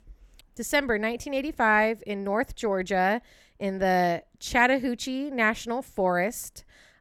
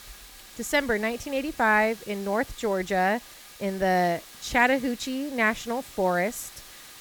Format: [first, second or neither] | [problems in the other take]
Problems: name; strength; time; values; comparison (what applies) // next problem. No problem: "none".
first | hiss; noticeable; throughout; 20 dB below the speech